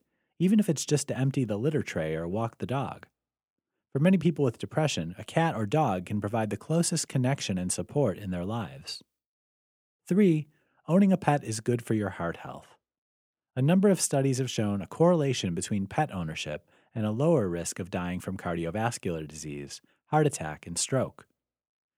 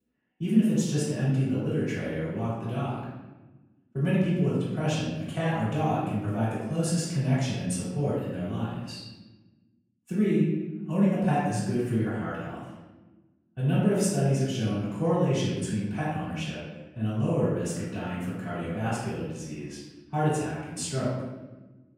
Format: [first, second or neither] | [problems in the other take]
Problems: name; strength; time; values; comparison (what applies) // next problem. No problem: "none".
first | room echo; strong; dies away in 1.1 s // off-mic speech; far